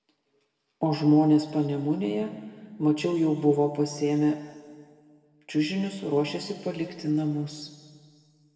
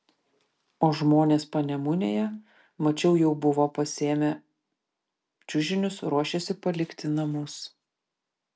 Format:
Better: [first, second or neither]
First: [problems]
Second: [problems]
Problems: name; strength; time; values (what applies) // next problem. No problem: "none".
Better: second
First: room echo; dies away in 1.7 s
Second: none